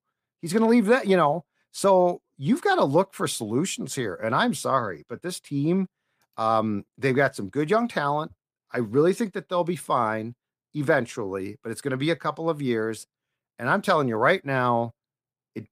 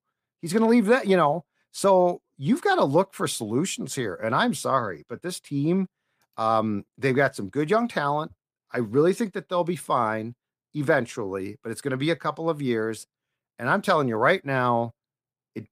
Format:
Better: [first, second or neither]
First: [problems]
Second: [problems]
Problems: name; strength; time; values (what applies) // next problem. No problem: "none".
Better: neither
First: none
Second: none